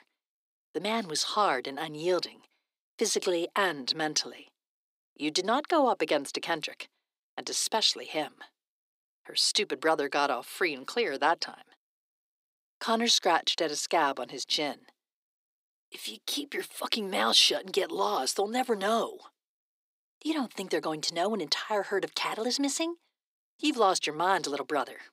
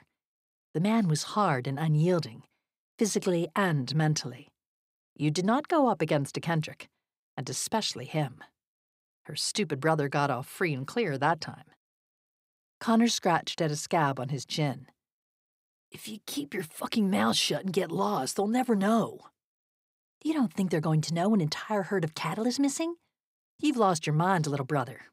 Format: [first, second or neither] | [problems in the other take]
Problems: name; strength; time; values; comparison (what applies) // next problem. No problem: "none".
second | thin; somewhat; fading below 300 Hz